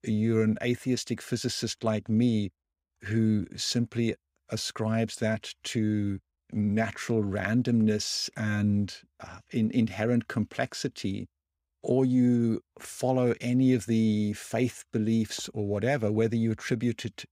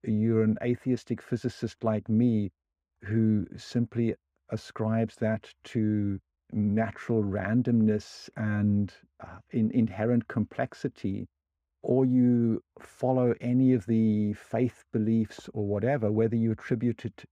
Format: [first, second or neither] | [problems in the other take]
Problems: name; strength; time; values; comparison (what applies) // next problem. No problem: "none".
first | muffled; very; fading above 2.5 kHz